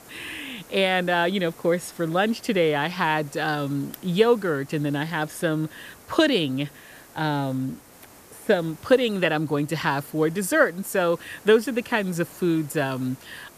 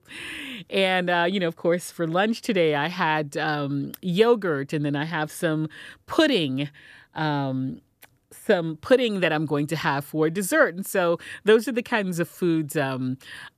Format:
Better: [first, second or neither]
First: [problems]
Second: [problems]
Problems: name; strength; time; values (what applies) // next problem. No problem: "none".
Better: second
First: hiss; faint; throughout; 25 dB below the speech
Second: none